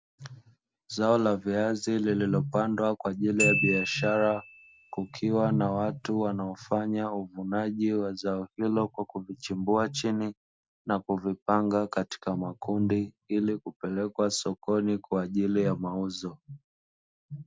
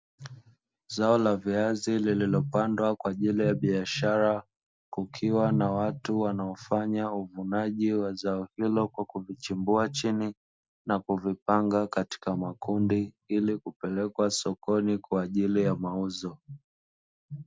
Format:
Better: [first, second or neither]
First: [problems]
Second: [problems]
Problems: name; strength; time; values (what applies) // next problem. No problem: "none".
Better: second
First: background sound (Glockenspiel); 5 dB below the speech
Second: none